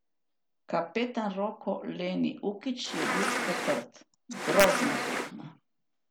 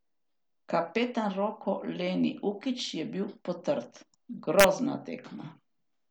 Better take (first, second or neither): second